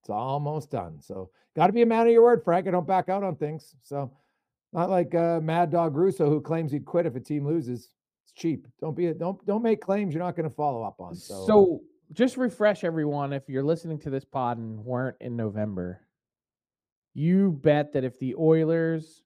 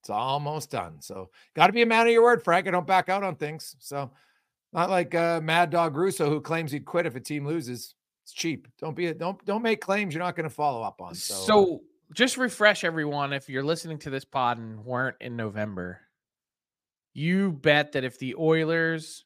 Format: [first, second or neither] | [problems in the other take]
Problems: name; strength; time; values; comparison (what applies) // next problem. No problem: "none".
second | muffled; slightly; fading above 1 kHz